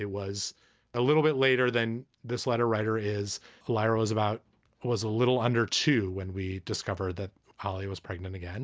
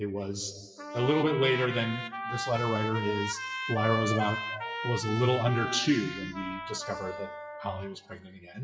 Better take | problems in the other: first | noise reduction (classical method WPE with log-MMSE)

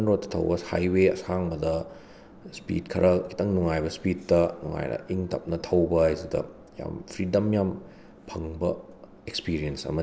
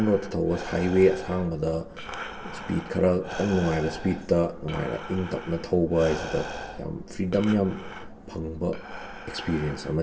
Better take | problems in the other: first | background sound (Breathing); 12 dB below the speech // room echo; dies away in 0.1 s

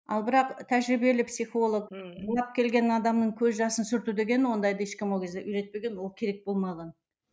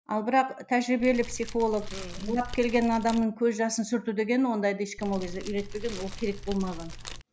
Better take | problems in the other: first | background sound (Fire); 10 dB below the speech

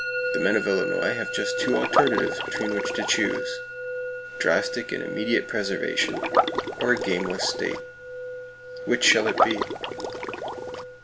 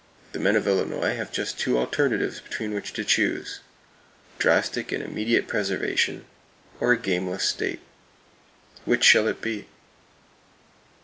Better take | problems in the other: second | background sound (Musical instrument + Liquid); 1 dB below the speech

